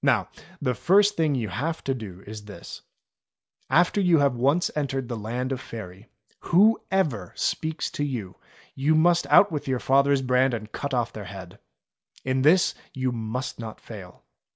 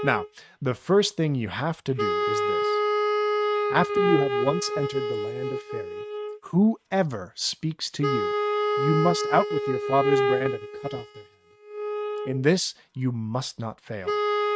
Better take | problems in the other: first | noise reduction (neural mask model RNNoise)

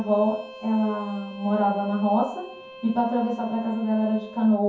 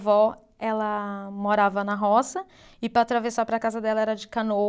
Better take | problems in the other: second | background sound (Bowed string instrument); 19 dB below the speech // room echo; dies away in 0.6 s

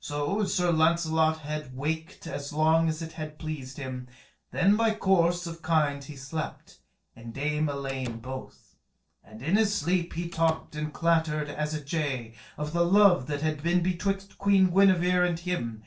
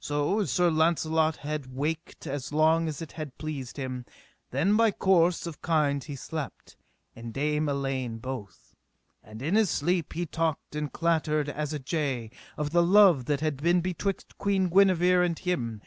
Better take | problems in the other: second | noise reduction (neural separator model SepFormer DNS4)

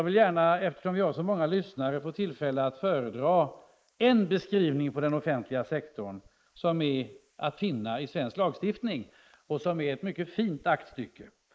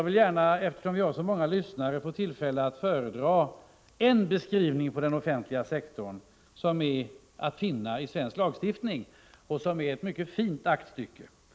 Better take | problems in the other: second | noise reduction (neural mask model Resemble Enhance denoiser)

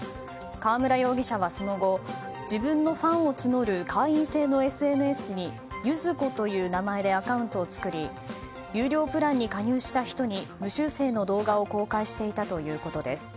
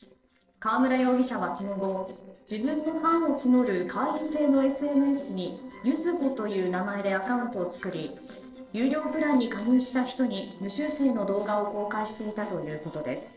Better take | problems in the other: first | noise reduction (neural separator model SepFormer DNS4)

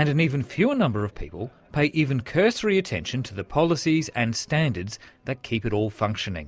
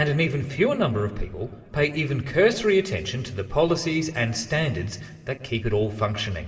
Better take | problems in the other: first | room echo; dies away in 2.7 s

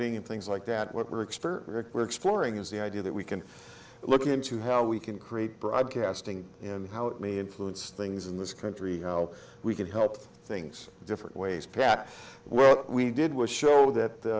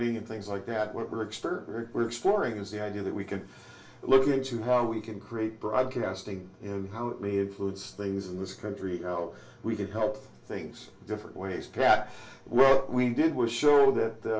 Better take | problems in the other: first | room echo; dies away in 0.2 s

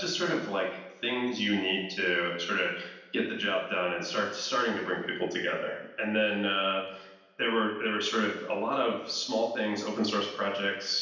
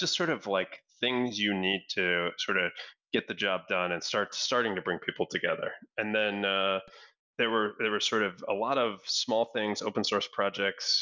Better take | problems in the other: second | room echo; dies away in 0.9 s

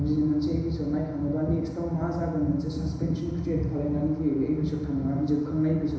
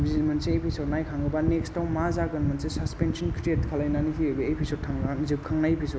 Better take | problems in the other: second | room echo; dies away in 1 s

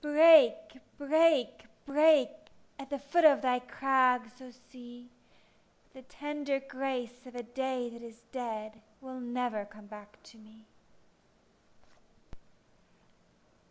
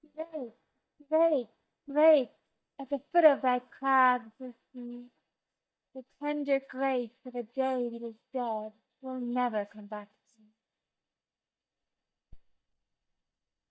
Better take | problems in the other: first | noise reduction (neural mask model DeepFilterNet 3)

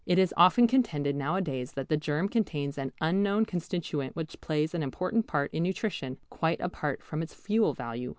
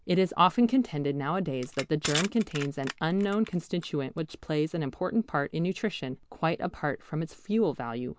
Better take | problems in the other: first | background sound (Crushing); 11 dB below the speech

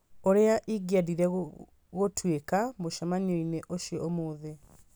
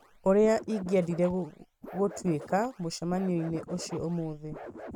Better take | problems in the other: first | noise reduction (neural mask model RNNoise)

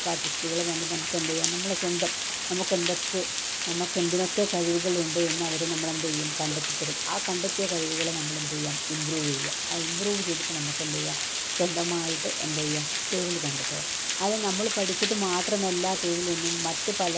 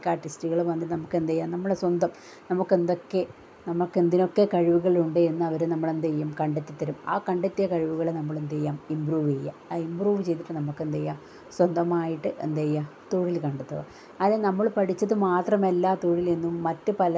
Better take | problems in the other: second | background sound (Water); 1 dB above the speech

